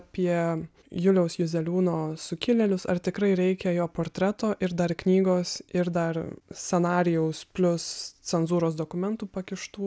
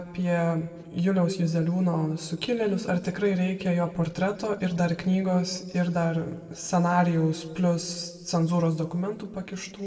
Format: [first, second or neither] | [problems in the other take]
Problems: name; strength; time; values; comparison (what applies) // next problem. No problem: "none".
first | room echo; dies away in 1.4 s